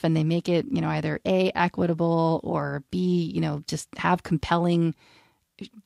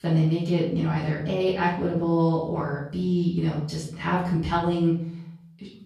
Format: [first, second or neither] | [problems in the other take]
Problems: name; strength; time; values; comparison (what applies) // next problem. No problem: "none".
first | off-mic speech; far // room echo; noticeable; dies away in 0.6 s